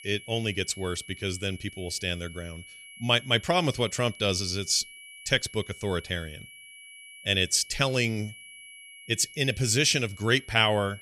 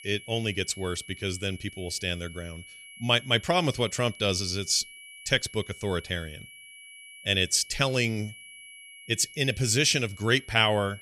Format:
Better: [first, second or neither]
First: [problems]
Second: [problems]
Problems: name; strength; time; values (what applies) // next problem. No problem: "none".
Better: neither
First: high-pitched whine; noticeable; throughout; 2.5 kHz, 20 dB below the speech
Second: high-pitched whine; noticeable; throughout; 2.5 kHz, 20 dB below the speech